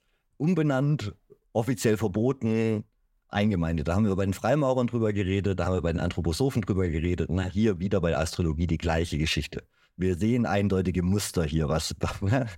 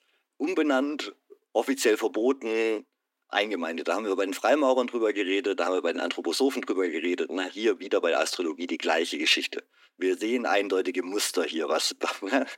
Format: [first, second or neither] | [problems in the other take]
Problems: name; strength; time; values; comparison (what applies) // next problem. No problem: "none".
first | thin; somewhat; fading below 250 Hz